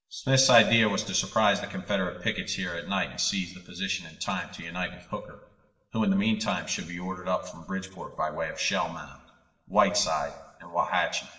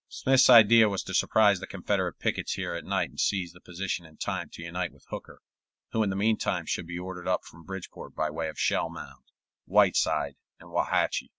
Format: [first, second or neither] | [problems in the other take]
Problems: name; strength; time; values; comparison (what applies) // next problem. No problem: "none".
second | room echo; dies away in 0.9 s